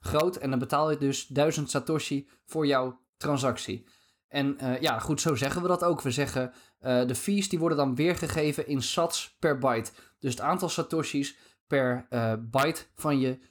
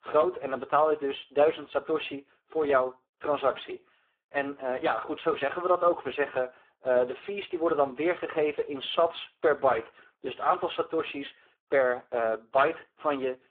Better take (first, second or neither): first